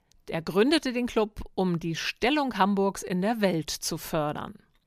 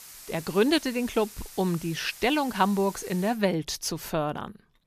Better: first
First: none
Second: hiss; noticeable; until 3.5 s; 15 dB below the speech

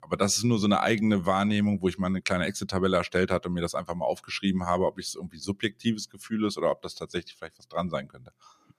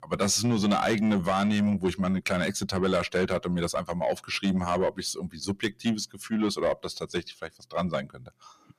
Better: first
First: none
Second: distortion; slight; 10 dB below the speech

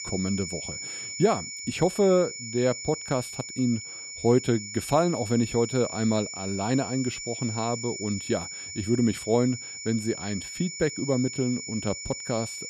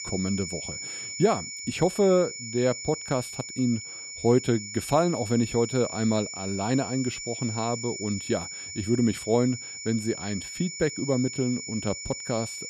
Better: neither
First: high-pitched whine; loud; throughout; 7 kHz, 8 dB below the speech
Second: high-pitched whine; loud; throughout; 7 kHz, 8 dB below the speech

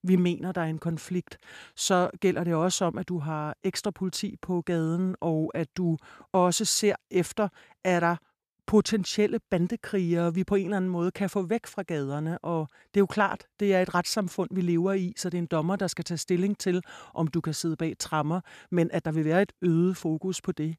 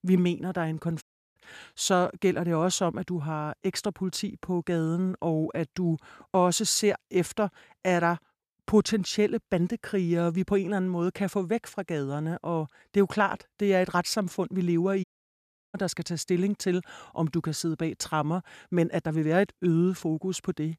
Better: first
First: none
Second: audio cutting out; at 1 s and at 15 s for 0.5 s

